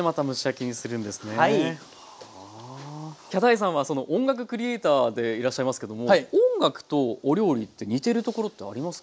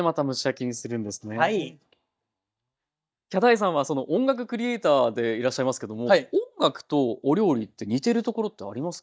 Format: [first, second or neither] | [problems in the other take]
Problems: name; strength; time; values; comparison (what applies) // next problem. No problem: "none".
first | noise reduction (neural mask model DeepFilterNet 3)